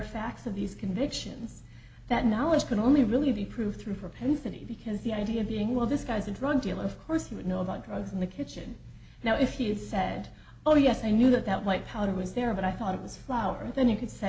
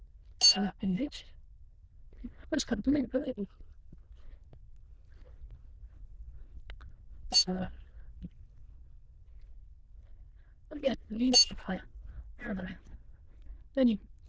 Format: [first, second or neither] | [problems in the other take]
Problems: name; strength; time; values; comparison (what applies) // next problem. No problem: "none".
first | noise reduction (neural diffusion model UNIVERSE++)